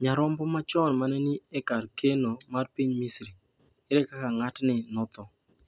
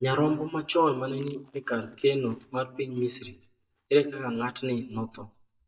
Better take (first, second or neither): first